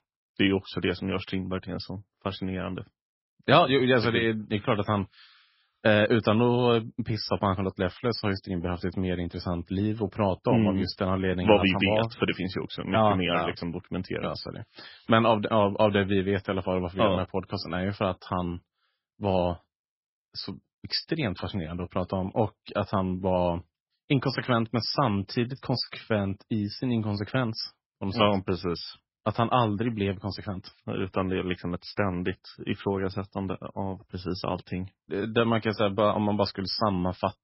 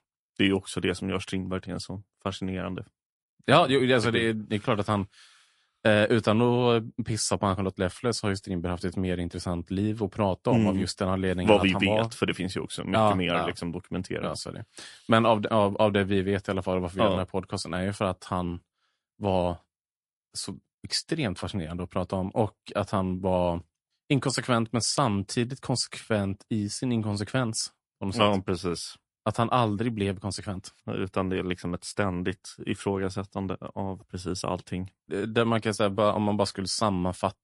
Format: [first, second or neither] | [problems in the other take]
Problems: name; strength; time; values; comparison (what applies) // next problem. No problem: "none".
second | garbled, watery; badly; nothing above 5.5 kHz; slightly in the second